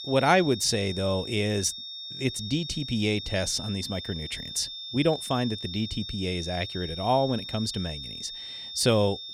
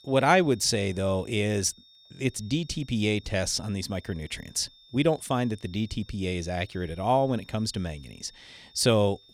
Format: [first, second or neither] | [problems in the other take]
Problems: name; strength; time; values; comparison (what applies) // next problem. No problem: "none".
second | high-pitched whine; loud; throughout; 3.5 kHz, 8 dB below the speech; faint in the second